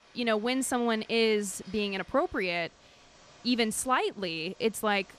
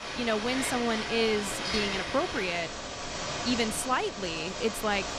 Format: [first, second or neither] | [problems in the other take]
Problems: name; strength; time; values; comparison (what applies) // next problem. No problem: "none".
first | animal sounds; loud; throughout; 3 dB below the speech; faint in the first